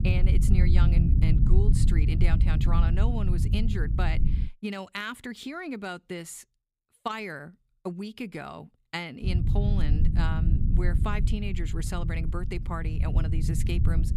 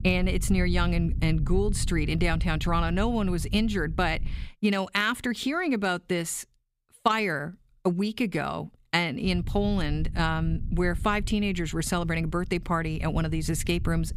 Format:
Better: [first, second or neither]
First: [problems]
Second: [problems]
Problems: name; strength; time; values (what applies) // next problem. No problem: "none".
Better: second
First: low rumble; loud; until 4.5 s and from 9.5 s on; 4 dB below the speech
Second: low rumble; faint; until 4.5 s and from 9.5 s on; 20 dB below the speech